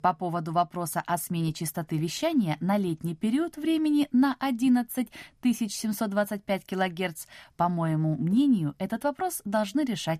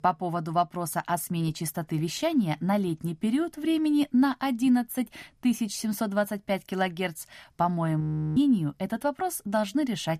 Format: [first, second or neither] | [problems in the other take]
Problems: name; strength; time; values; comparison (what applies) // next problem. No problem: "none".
first | audio freezing; at 8 s